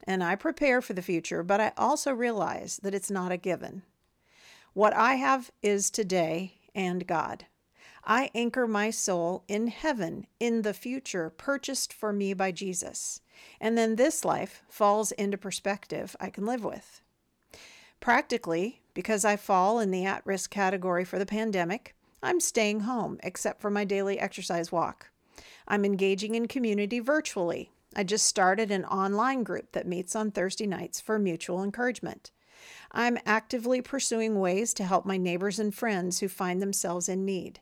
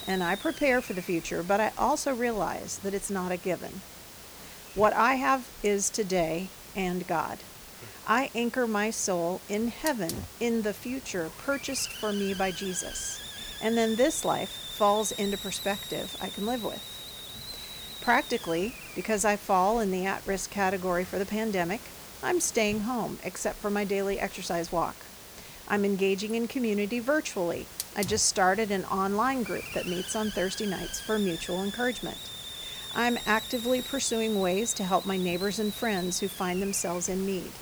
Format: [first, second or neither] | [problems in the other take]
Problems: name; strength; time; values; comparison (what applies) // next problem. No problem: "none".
first | hiss; noticeable; throughout; 10 dB below the speech